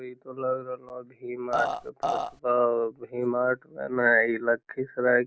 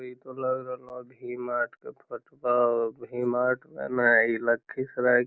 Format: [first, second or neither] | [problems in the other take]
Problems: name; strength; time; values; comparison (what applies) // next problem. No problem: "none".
second | background sound (Burping, eructation); 2 dB below the speech